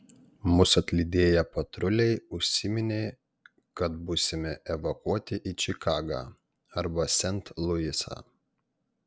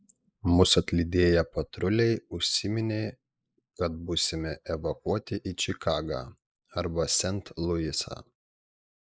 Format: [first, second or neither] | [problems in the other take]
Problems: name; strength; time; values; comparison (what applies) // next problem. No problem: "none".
first | noise reduction (neural mask model Resemble Enhance denoiser)